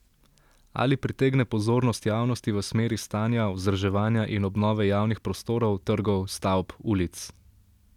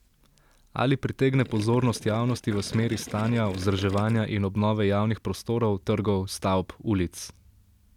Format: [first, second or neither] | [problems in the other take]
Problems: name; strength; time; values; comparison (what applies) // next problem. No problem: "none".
first | background sound (Gurgling); 15 dB below the speech